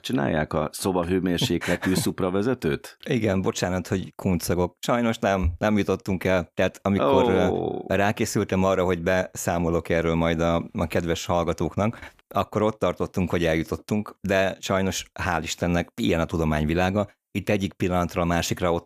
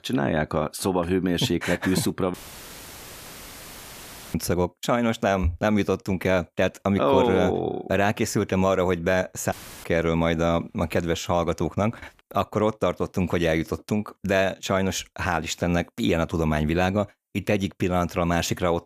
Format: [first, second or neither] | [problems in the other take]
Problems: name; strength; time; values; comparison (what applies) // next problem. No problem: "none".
first | audio cutting out; filled with static; at 2.5 s for 2 s and at 9.5 s